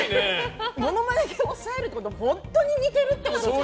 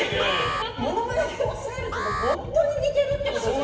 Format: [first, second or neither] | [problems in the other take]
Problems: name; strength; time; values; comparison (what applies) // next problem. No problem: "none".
first | background sound (Alarm); 9 dB below the speech // room echo; dies away in 1.3 s